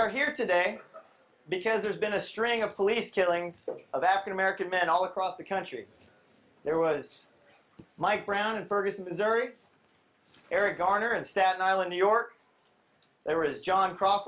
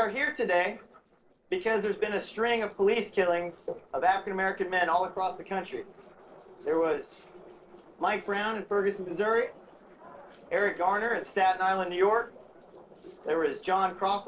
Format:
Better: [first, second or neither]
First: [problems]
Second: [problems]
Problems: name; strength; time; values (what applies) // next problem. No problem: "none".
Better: first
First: none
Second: noise reduction (neural separator model SepFormer DNS4)